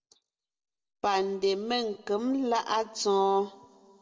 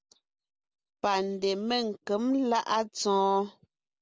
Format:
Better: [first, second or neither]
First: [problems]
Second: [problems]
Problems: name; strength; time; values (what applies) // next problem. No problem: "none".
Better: second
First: room echo; dies away in 1.6 s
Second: none